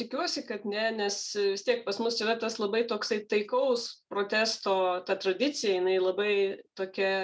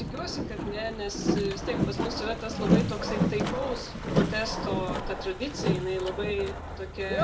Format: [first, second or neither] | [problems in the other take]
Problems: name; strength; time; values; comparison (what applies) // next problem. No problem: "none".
first | background sound (Boat, Water vehicle); 4 dB above the speech // room echo; dies away in 0.3 s